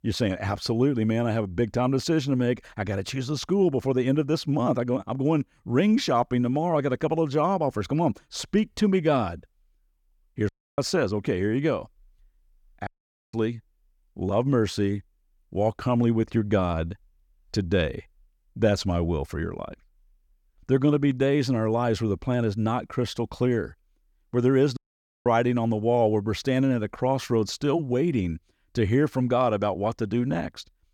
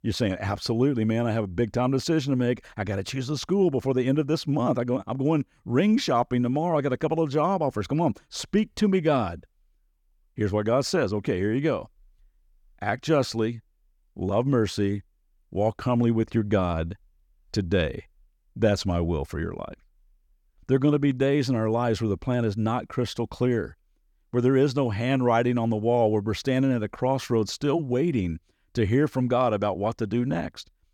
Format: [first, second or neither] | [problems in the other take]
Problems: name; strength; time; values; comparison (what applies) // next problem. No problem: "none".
second | audio cutting out; at 10 s, at 13 s and at 25 s